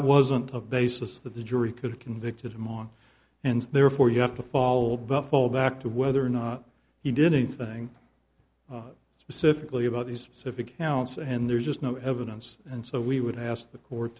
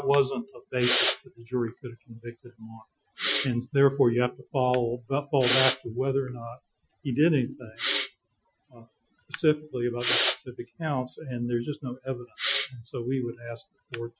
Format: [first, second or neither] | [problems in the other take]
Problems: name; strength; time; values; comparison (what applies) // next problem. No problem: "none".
first | noise reduction (classical method Wiener filter)